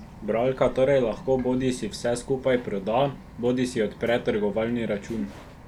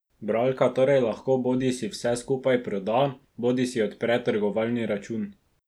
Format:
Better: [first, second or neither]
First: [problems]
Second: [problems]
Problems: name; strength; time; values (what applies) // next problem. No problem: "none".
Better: second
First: background sound (Bird vocalization, bird call, bird song); 17 dB below the speech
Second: none